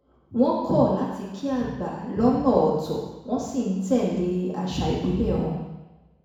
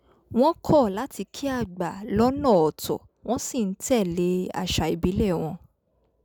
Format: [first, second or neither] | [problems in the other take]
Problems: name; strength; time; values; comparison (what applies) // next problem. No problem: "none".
second | room echo; dies away in 1.1 s